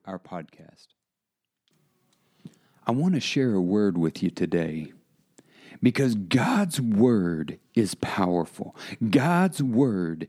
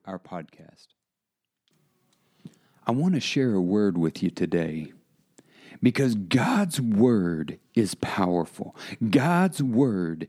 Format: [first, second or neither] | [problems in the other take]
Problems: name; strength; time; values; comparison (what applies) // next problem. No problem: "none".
neither | none